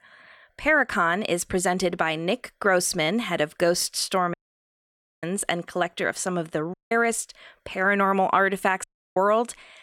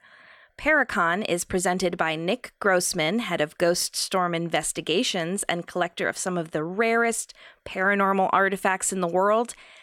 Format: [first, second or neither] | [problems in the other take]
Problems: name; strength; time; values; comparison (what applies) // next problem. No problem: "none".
second | audio cutting out; at 4.5 s for 1 s, at 6.5 s and at 9 s